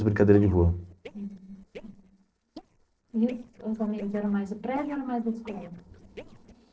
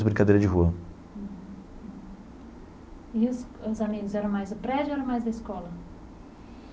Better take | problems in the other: second | noise reduction (neural separator model SepFormer DNS4)

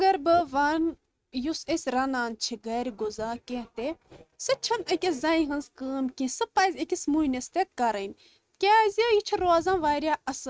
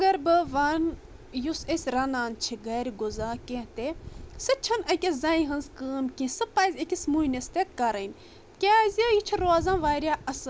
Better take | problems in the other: second | noise reduction (neural mask model RNNoise)

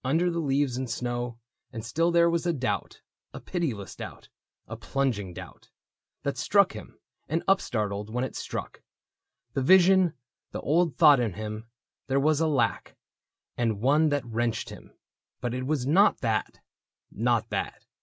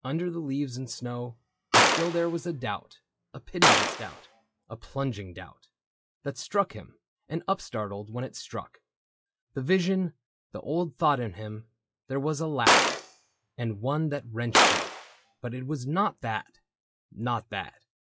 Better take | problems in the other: first | noise reduction (classical method log-MMSE)

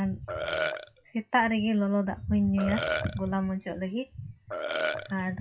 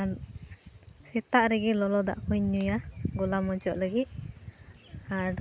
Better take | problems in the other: second | noise reduction (classical method WPE with log-MMSE)

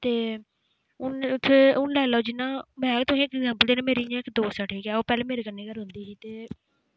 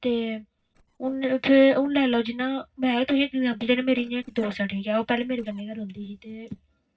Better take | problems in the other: first | noise reduction (neural separator model SepFormer DNS4)

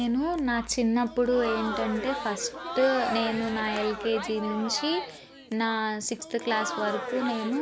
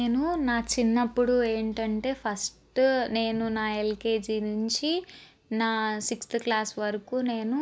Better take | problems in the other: second | background sound (Crowd); 7 dB below the speech

